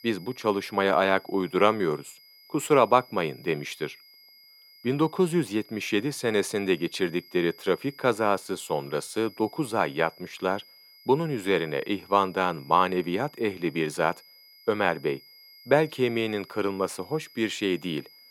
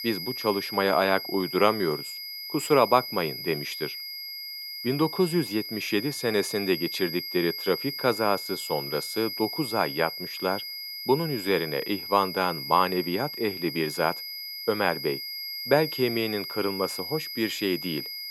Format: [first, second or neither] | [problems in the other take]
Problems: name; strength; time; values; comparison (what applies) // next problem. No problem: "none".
first | high-pitched whine; loud; throughout; 5 kHz, 6 dB below the speech; faint in the first